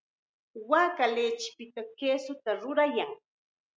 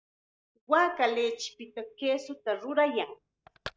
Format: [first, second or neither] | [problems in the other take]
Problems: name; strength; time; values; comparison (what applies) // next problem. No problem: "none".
first | noise reduction (neural mask model DeepFilterNet 3)